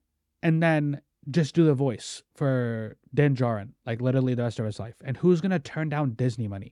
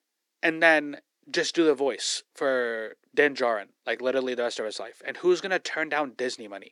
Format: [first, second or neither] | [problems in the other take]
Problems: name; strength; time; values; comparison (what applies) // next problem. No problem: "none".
first | thin; very; fading below 350 Hz